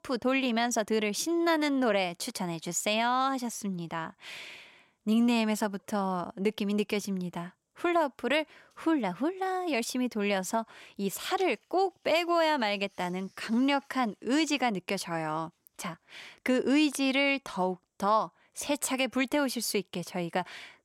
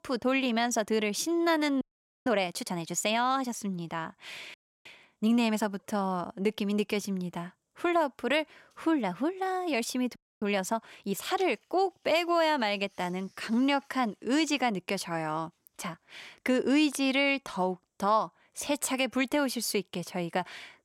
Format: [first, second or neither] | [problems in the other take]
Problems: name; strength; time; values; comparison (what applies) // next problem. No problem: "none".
first | audio freezing; at 2 s, at 4.5 s and at 10 s